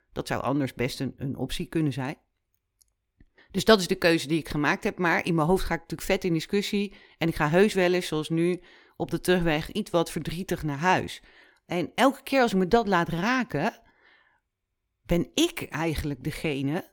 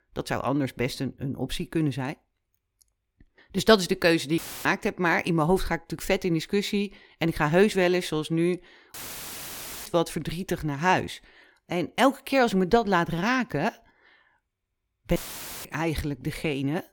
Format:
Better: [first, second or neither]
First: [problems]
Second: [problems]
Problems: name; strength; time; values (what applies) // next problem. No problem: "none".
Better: first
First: none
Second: audio cutting out; filled with static; at 4.5 s, at 9 s for 1 s and at 15 s